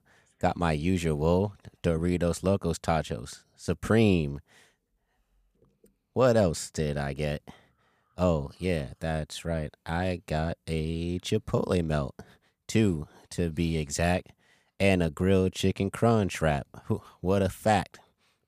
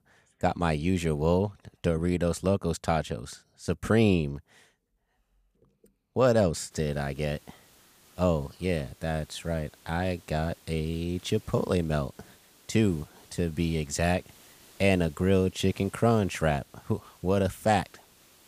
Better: first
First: none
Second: hiss; faint; from 6.5 s on; 25 dB below the speech

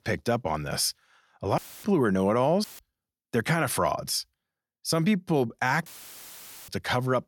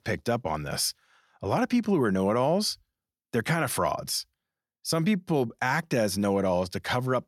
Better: second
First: audio cutting out; filled with static; at 1.5 s, at 2.5 s and at 6 s for 1 s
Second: none

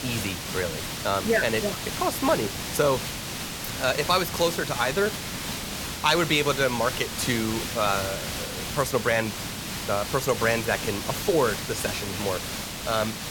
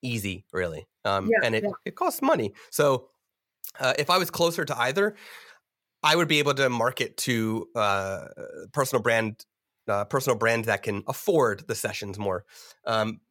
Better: second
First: hiss; loud; throughout; 5 dB below the speech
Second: none

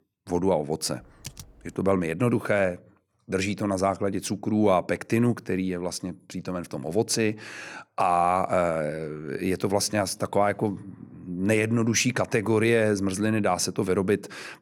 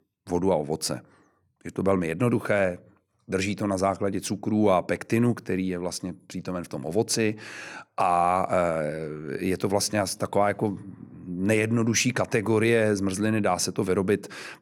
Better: second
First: keyboard typing; faint; at 1 s; peak 15 dB below the speech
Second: none

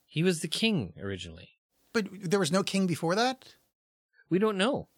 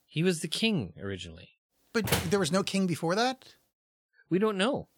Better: first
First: none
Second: door banging; noticeable; at 2 s; peak 1 dB below the speech

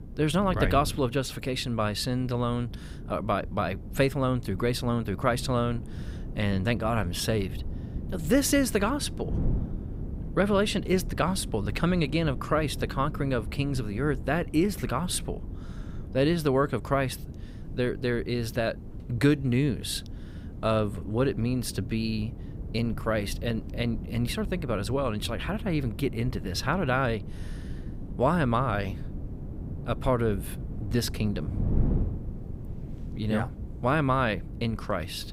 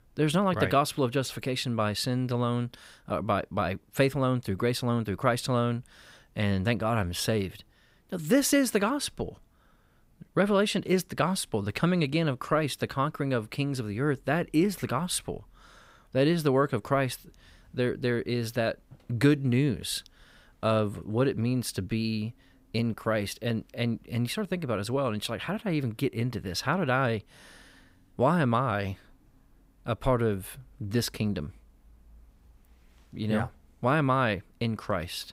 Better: second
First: wind noise on the microphone; occasional gusts; 20 dB below the speech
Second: none

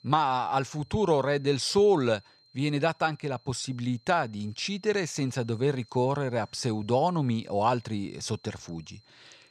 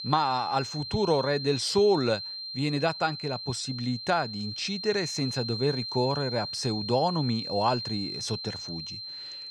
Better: first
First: high-pitched whine; faint; throughout; 4 kHz, 30 dB below the speech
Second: high-pitched whine; loud; throughout; 4 kHz, 6 dB below the speech

